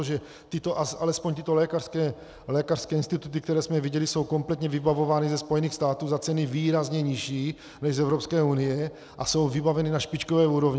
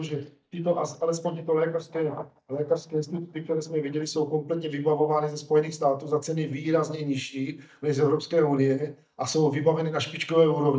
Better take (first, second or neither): first